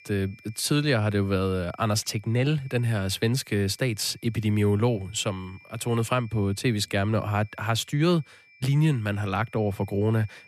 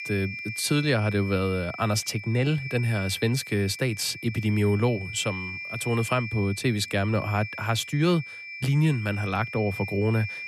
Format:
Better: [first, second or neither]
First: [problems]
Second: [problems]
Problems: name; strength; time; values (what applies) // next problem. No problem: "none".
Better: first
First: high-pitched whine; faint; throughout; 2.5 kHz, 25 dB below the speech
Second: high-pitched whine; loud; throughout; 2.5 kHz, 10 dB below the speech